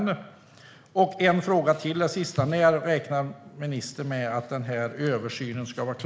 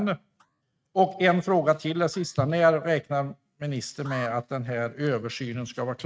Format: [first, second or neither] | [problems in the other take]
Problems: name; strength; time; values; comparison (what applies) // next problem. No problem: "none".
first | noise reduction (neural mask model RNNoise)